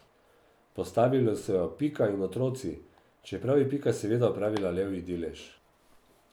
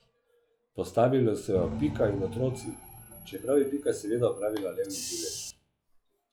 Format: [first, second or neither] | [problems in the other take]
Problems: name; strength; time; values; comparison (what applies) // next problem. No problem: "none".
first | noise reduction (classical method log-MMSE)